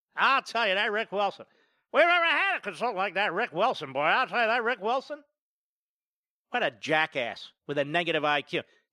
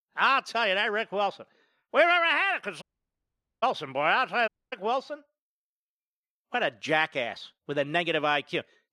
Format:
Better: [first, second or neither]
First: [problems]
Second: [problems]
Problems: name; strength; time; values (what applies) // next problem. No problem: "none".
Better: first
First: none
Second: audio cutting out; at 3 s for 1 s and at 4.5 s